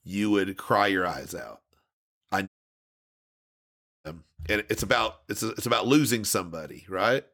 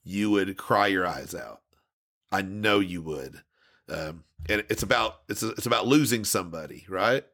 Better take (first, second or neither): second